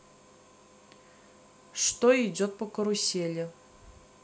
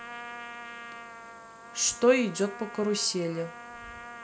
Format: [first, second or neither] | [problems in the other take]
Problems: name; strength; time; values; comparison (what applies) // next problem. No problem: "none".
first | background sound (Trumpet); 13 dB below the speech